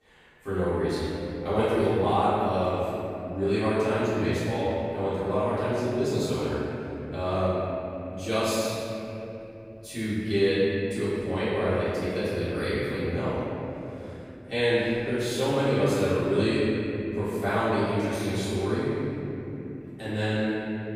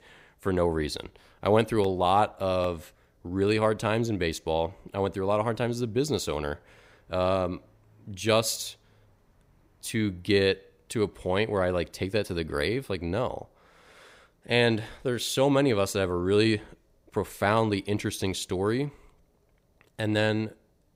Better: second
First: room echo; strong; dies away in 3 s // off-mic speech; far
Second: none

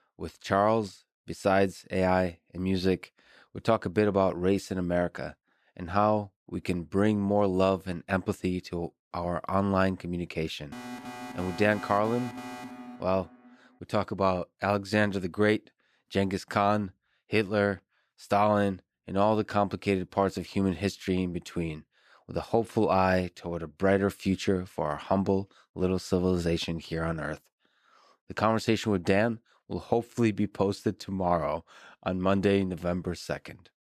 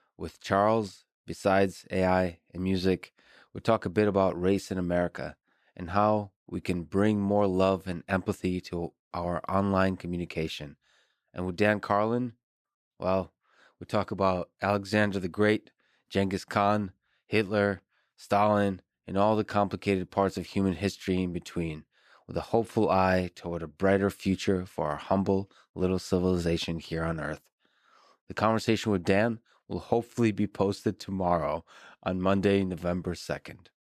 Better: second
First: alarm; faint; from 11 to 14 s; peak 10 dB below the speech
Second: none

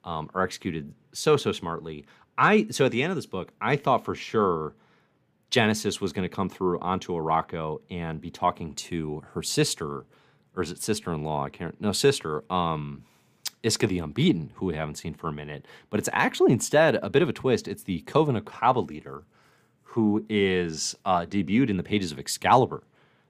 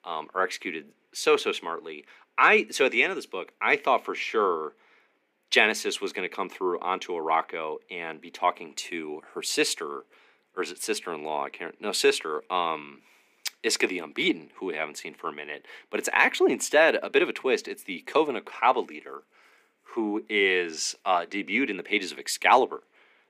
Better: first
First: none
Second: thin; somewhat; fading below 300 Hz

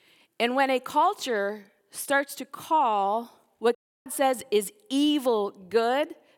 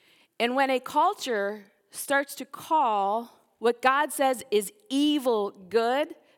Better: second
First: audio cutting out; at 4 s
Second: none

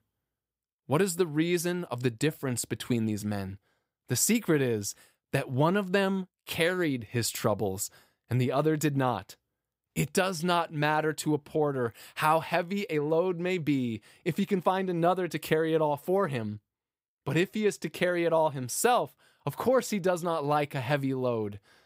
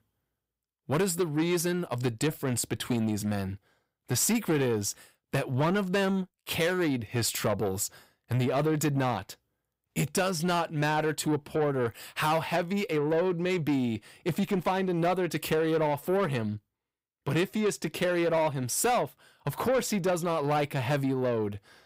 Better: first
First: none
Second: distortion; slight; 10 dB below the speech

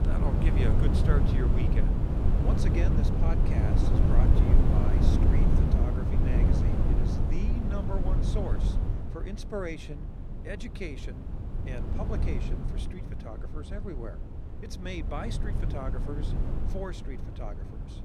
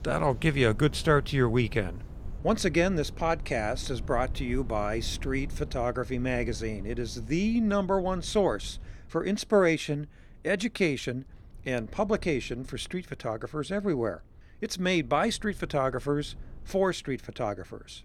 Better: second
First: wind noise on the microphone; heavy; 3 dB above the speech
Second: wind noise on the microphone; occasional gusts; 25 dB below the speech

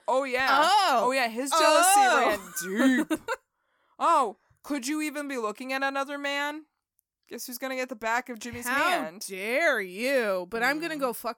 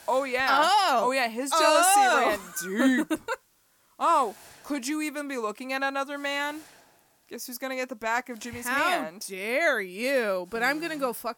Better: first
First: none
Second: hiss; faint; throughout; 30 dB below the speech

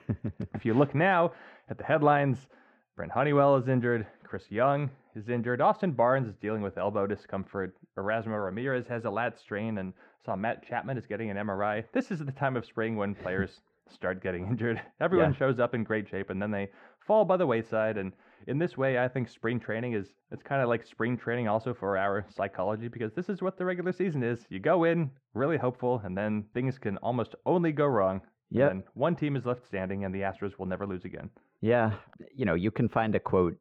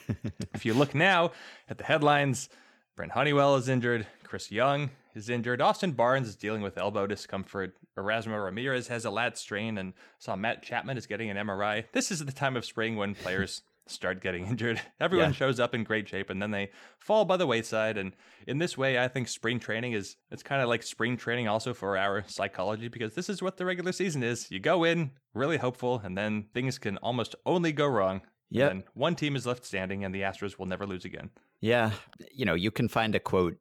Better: second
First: muffled; very; fading above 3.5 kHz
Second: none

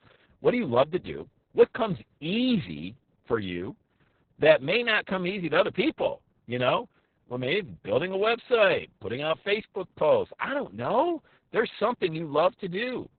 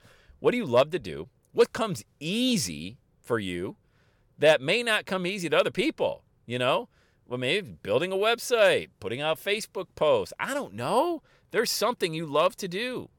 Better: second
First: garbled, watery; badly; nothing above 4 kHz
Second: none

